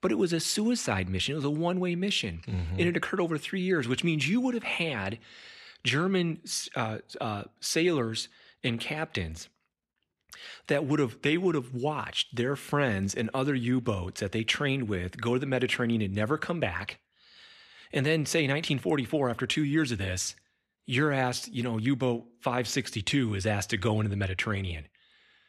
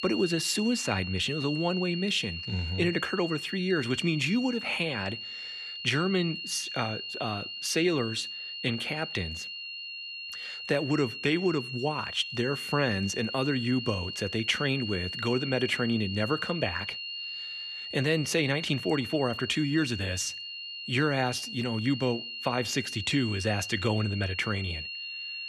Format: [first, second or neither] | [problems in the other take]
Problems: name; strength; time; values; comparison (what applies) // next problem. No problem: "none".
first | high-pitched whine; loud; throughout; 3 kHz, 6 dB below the speech